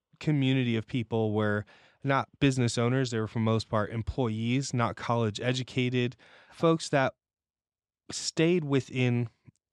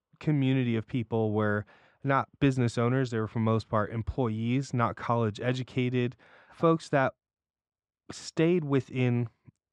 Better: first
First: none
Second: muffled; slightly; fading above 2.5 kHz

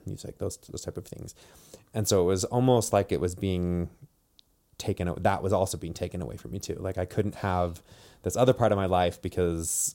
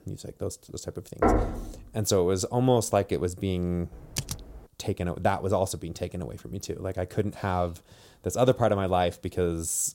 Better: first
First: none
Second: door banging; loud; at 1 s; peak 3 dB above the speech // keyboard typing; noticeable; at 4 s; peak 6 dB below the speech

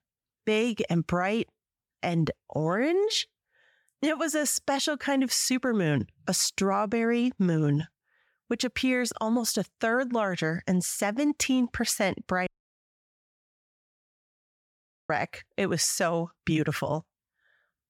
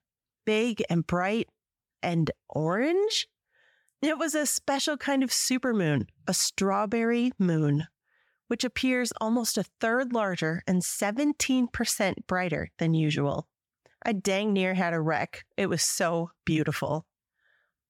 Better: second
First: audio cutting out; at 12 s for 2.5 s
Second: none

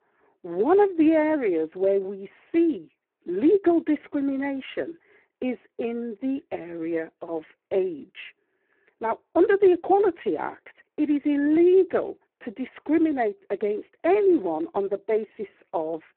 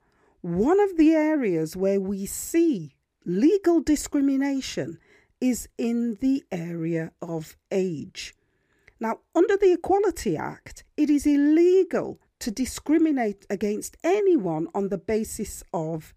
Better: second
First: phone-call audio; poor line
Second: none

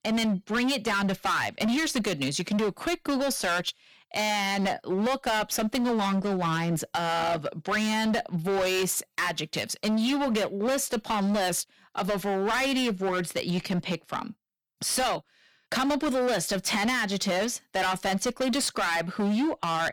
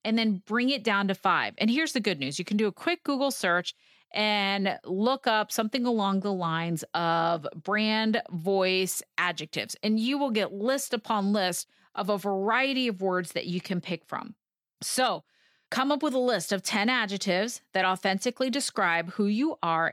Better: second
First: distortion; heavy; 21% of the sound clipped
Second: none

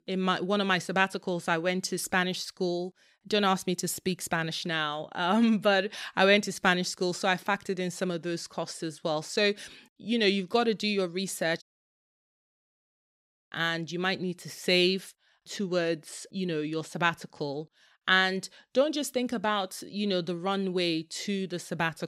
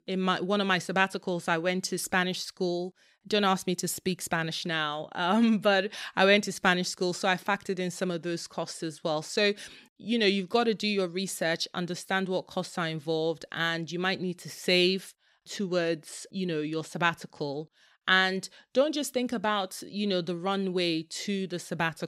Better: second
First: audio cutting out; at 12 s for 2 s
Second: none

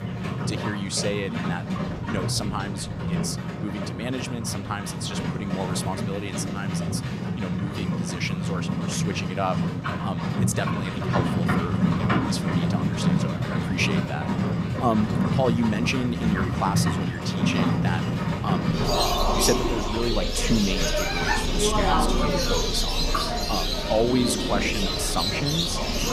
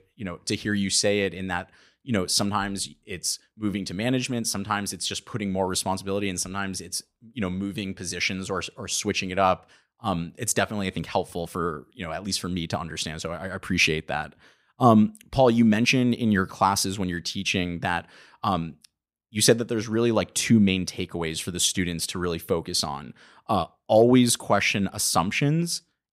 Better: second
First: animal sounds; very loud; throughout; 3 dB above the speech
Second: none

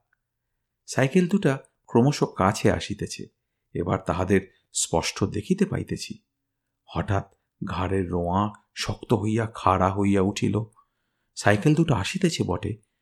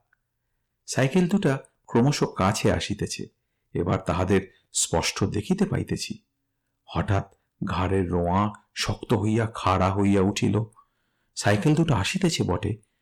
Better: first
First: none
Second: distortion; slight; 10 dB below the speech

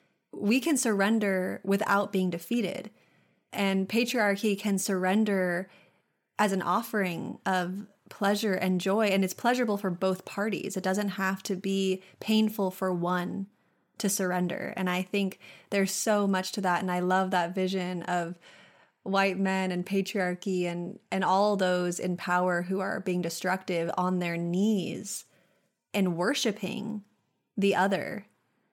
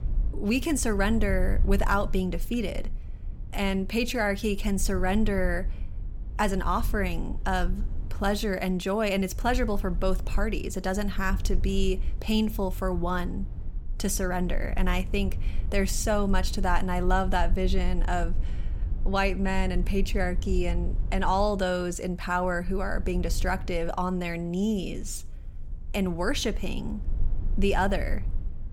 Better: first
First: none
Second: low rumble; faint; throughout; 20 dB below the speech

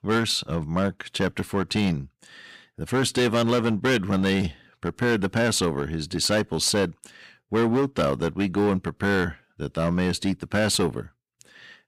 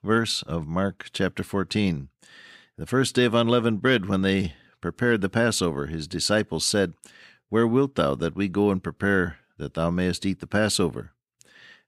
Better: second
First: distortion; slight; 9% of the sound clipped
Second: none

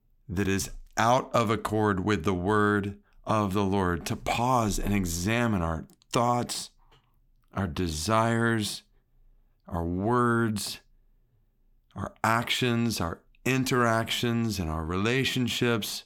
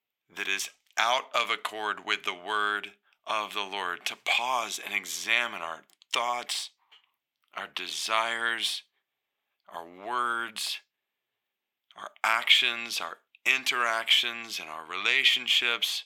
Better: first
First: none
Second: thin; very; fading below 750 Hz

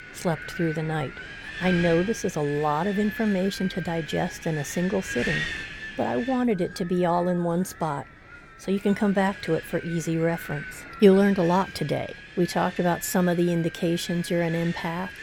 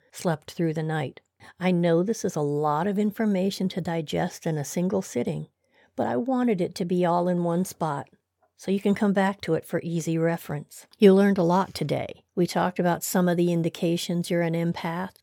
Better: second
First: wind noise on the microphone; heavy; 8 dB below the speech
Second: none

